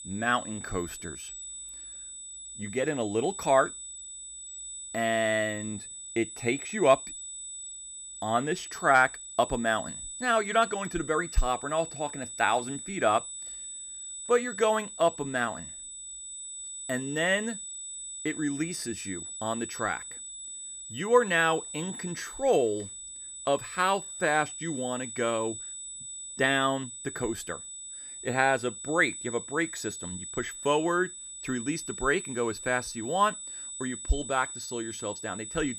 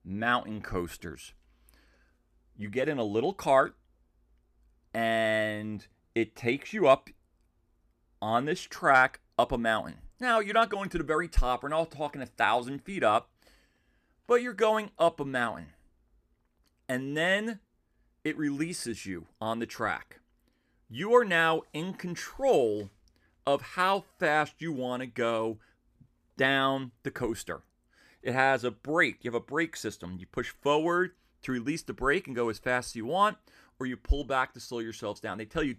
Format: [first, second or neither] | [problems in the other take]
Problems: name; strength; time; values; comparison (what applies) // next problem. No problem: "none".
second | high-pitched whine; loud; throughout; 8 kHz, 9 dB below the speech